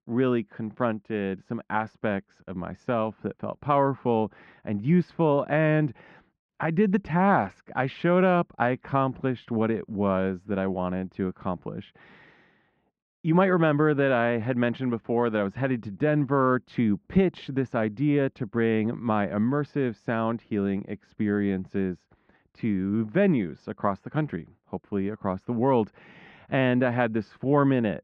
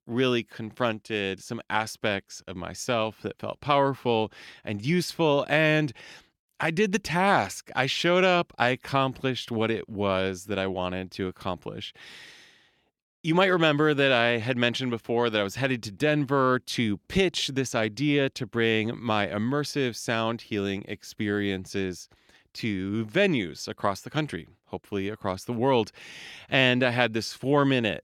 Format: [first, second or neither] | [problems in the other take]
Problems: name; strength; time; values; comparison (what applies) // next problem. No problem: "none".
second | muffled; very; fading above 1.5 kHz